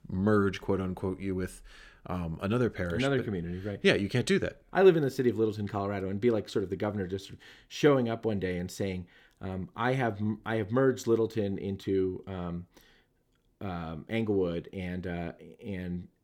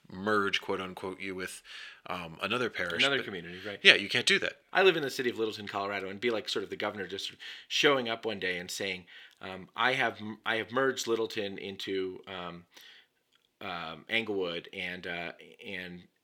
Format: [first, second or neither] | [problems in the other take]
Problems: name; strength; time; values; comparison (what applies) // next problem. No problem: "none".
first | thin; somewhat; fading below 850 Hz